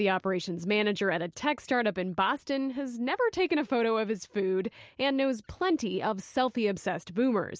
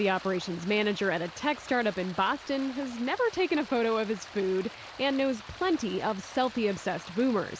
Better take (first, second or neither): first